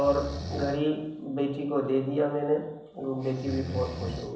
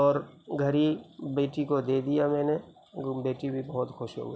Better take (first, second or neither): second